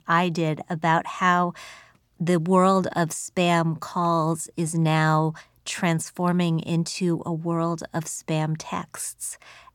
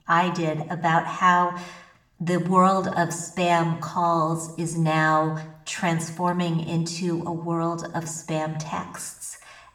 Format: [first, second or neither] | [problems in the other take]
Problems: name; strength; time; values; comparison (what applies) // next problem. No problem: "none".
first | room echo; slight; dies away in 0.7 s // off-mic speech; somewhat distant